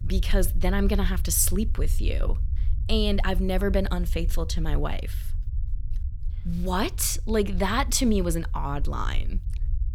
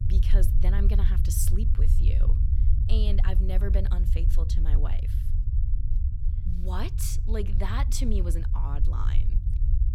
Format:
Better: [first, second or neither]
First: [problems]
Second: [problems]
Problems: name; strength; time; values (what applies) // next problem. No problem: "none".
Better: first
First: low rumble; faint; throughout; 20 dB below the speech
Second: low rumble; loud; throughout; 7 dB below the speech